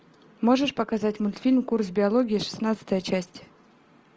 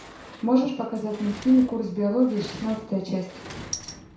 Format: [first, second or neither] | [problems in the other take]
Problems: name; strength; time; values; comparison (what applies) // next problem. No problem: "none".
first | background sound (Sliding door); 16 dB below the speech // room echo; dies away in 0.6 s